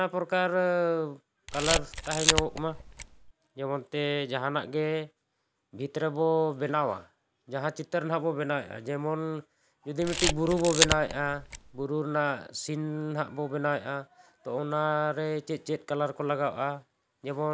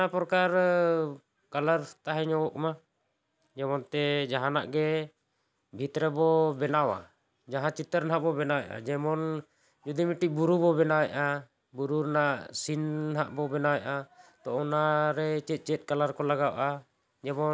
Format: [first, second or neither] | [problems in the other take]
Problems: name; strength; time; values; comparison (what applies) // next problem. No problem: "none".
second | background sound (Camera); as loud as the speech